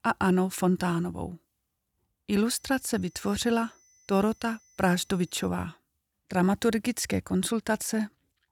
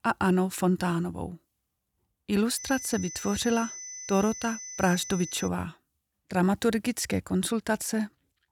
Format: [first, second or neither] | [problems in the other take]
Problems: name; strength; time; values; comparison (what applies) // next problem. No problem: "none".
first | high-pitched whine; loud; from 2.5 to 5.5 s; 6 kHz, 10 dB below the speech; faint in the first